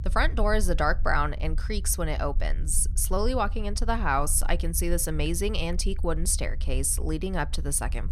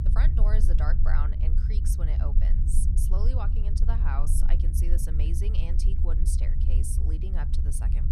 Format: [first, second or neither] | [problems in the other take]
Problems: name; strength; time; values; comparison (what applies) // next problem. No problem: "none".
first | low rumble; loud; throughout; 4 dB below the speech; faint in the first